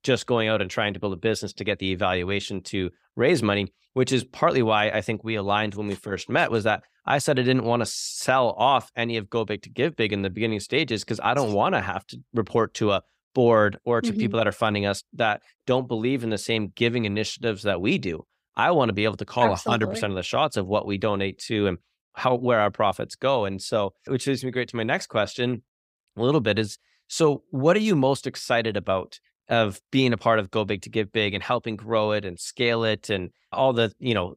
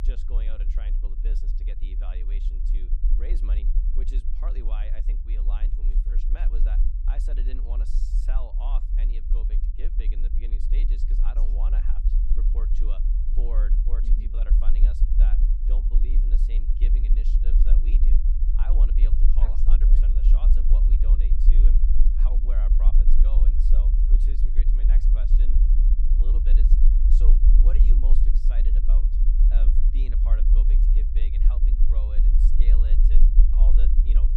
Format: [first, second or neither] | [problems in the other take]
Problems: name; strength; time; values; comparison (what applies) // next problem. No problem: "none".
first | low rumble; loud; throughout; as loud as the speech